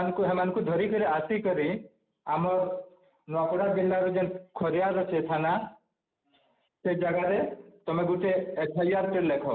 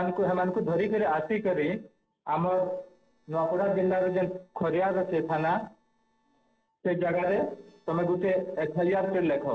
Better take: first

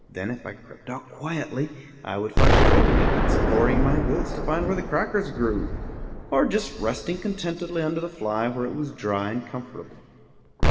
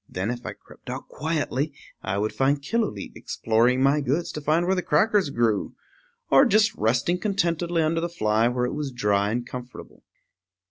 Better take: second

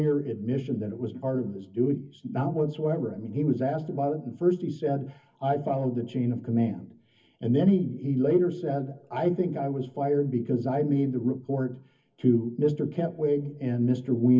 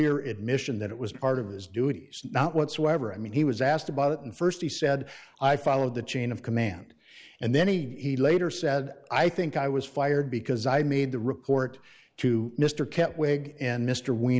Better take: second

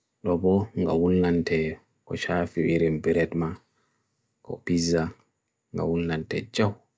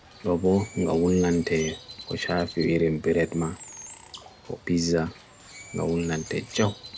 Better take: first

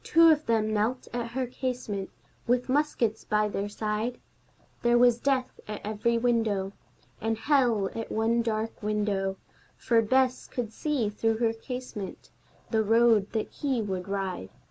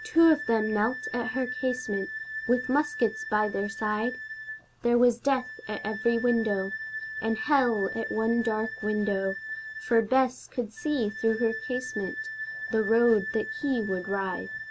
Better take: first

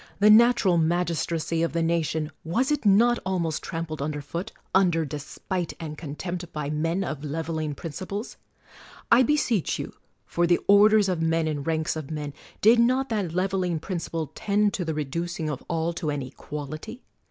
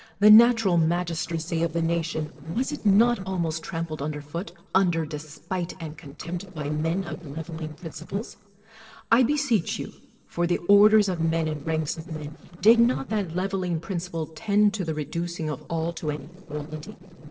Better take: first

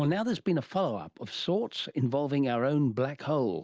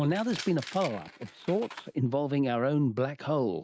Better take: first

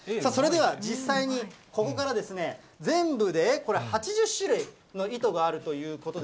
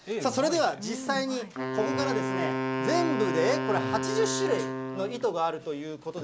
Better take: first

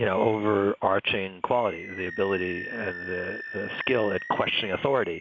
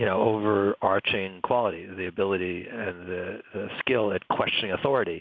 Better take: second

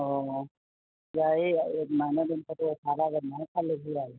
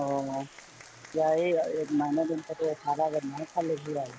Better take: first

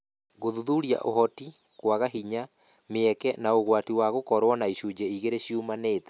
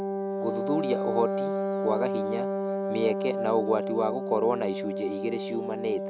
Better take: first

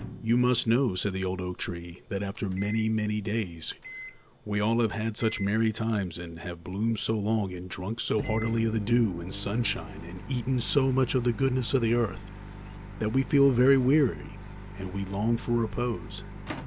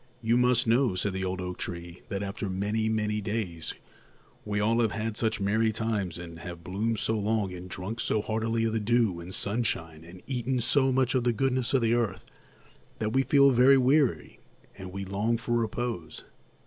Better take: second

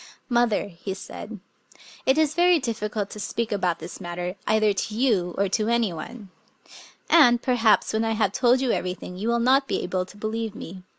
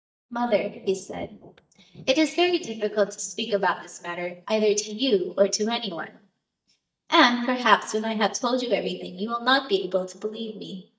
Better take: first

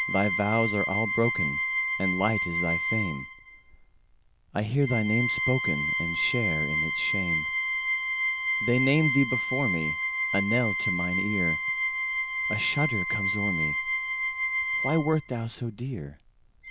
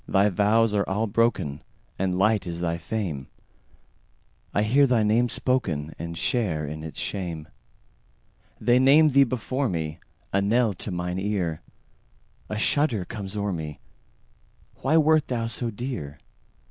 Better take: second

